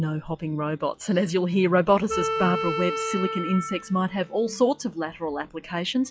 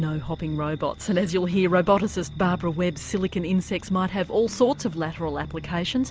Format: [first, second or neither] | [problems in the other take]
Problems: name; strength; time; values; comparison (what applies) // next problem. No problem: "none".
second | noise reduction (classical method log-MMSE)